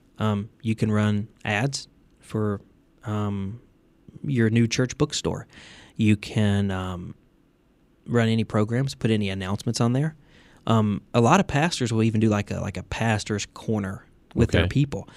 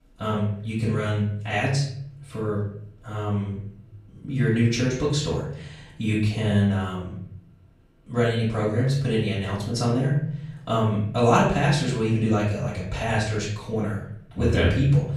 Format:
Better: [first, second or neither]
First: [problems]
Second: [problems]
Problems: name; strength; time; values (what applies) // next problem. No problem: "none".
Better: first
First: none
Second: room echo; noticeable; dies away in 0.6 s // off-mic speech; far